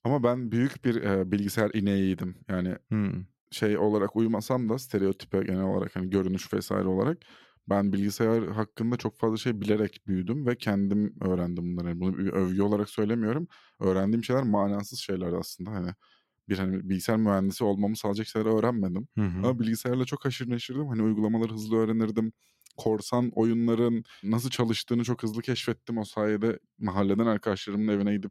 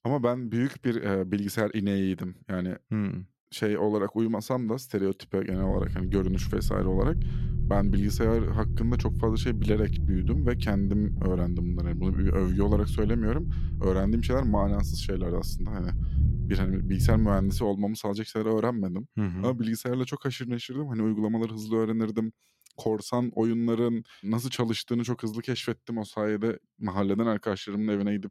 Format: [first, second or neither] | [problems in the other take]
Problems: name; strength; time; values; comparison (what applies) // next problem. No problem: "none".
first | low rumble; noticeable; from 5.5 to 18 s; 10 dB below the speech